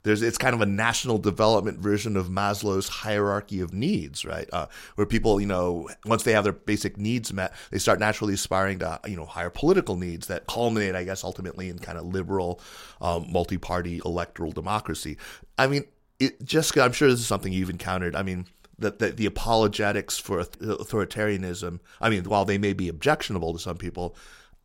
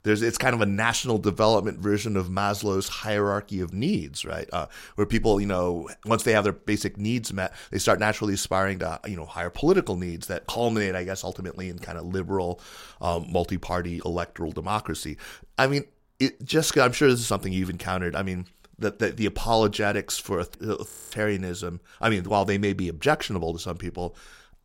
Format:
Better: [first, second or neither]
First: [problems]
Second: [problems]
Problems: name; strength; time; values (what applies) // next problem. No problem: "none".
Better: first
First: none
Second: audio freezing; at 21 s